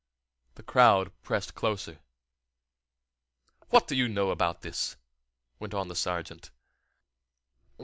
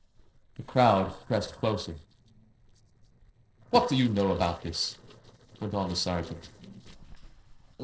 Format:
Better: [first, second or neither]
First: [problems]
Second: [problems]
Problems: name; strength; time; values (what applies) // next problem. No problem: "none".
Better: first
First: none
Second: noise reduction (neural separator model SepFormer DNS4)